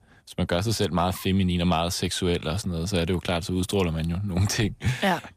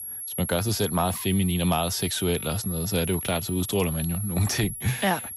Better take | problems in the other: first | high-pitched whine; loud; throughout; 11.5 kHz, 6 dB below the speech

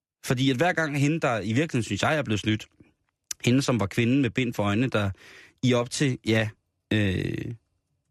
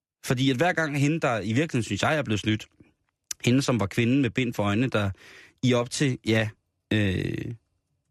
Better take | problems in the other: neither | none

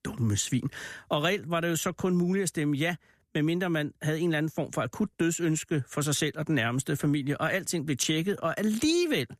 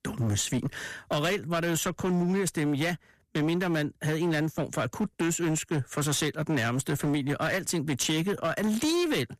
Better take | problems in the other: first | distortion; slight; 19% of the sound clipped

